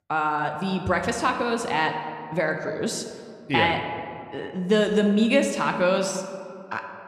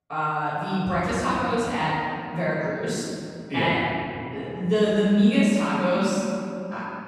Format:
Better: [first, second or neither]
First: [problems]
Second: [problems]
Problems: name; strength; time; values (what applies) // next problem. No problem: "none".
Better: first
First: room echo; slight; dies away in 1.6 s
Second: room echo; strong; dies away in 3 s // off-mic speech; far